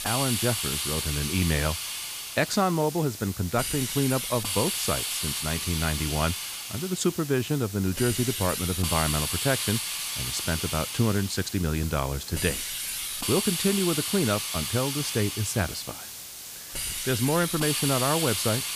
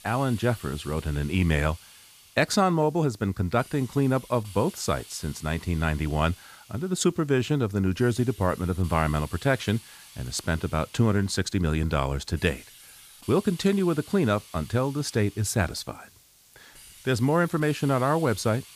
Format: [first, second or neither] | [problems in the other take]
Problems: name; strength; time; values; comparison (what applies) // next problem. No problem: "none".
second | hiss; loud; throughout; 2 dB below the speech; faint in the second